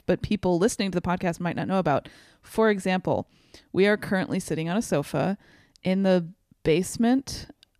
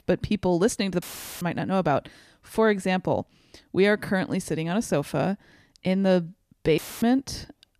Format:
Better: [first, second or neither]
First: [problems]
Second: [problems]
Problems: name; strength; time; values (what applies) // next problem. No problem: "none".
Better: first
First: none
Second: audio cutting out; filled with static; at 1 s and at 7 s